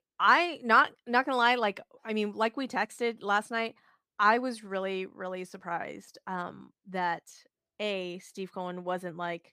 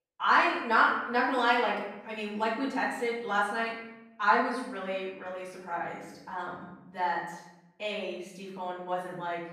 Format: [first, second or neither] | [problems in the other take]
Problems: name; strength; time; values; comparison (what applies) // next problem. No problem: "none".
first | room echo; noticeable; dies away in 0.8 s // off-mic speech; far